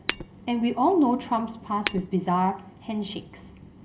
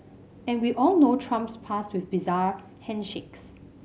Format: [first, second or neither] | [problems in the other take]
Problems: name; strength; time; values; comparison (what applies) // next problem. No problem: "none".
second | background sound (Shatter); 12 dB below the speech // room echo; dies away in 0.3 s